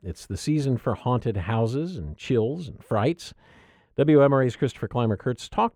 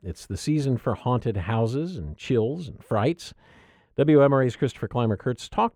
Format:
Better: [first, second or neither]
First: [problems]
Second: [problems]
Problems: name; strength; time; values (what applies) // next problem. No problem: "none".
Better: neither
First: muffled; slightly; fading above 3 kHz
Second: muffled; slightly; fading above 3 kHz